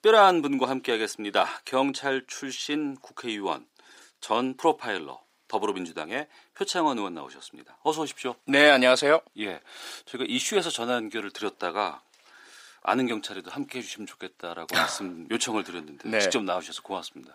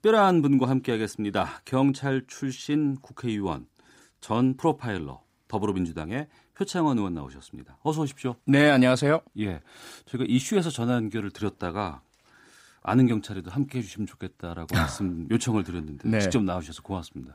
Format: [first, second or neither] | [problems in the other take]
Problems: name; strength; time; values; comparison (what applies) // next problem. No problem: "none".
second | thin; somewhat; fading below 500 Hz